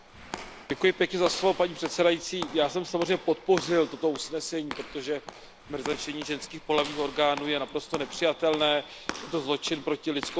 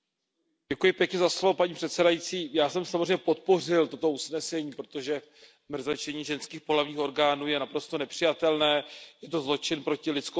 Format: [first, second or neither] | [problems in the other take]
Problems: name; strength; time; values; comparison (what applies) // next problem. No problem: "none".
second | background sound (Walk, footsteps / Slam); 13 dB below the speech